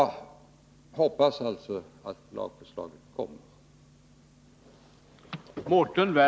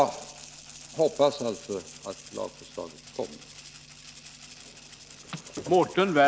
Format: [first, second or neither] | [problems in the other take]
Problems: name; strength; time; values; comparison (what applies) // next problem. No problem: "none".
first | background sound (Rattle (instrument)); 18 dB below the speech